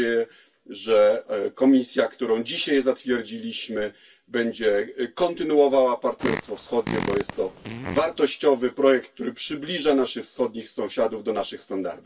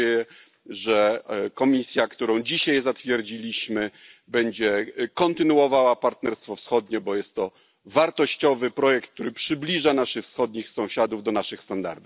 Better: second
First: background sound (Fart); 8 dB below the speech // room echo; dies away in 0.1 s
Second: none

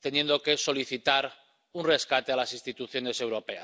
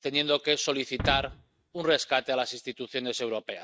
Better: first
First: none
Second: noise reduction (neural mask model RNNoise)

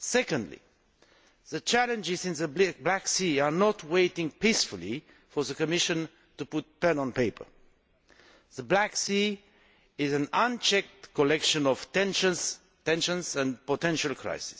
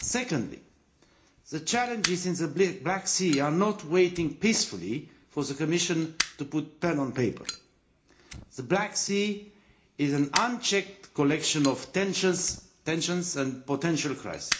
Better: first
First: none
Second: background sound (Fire); 13 dB below the speech // room echo; dies away in 0.4 s

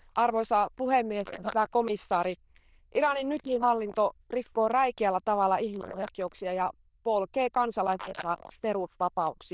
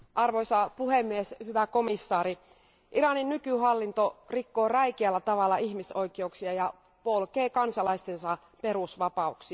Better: second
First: noise reduction (neural diffusion model UNIVERSE++)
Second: none

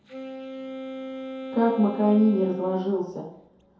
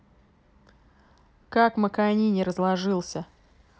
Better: second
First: background sound (Wind instrument, woodwind instrument); 12 dB below the speech // room echo; dies away in 2.4 s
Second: none

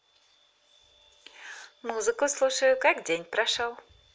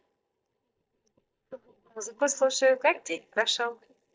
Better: first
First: none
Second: noise reduction (neural mask model DeepFilterNet 3)

